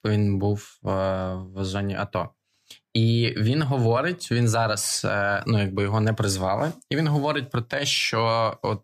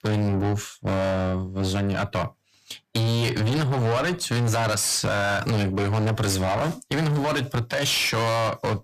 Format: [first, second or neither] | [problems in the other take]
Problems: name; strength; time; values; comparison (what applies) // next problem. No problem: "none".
first | distortion; heavy; 7 dB below the speech